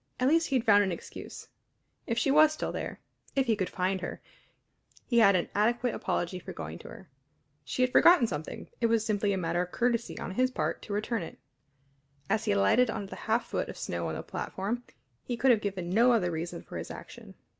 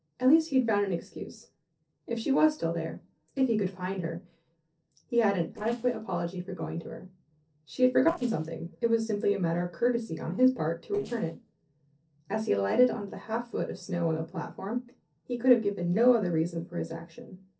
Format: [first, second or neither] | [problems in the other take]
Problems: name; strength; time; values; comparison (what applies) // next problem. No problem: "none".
first | noise reduction (neural separator model SepFormer DNS4)